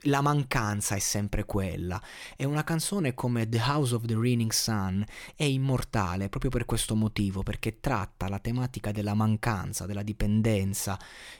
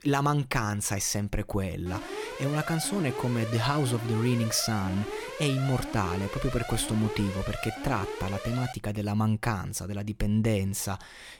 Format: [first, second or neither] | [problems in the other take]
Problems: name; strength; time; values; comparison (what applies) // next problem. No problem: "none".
first | alarm; noticeable; from 2 to 8.5 s; peak 7 dB below the speech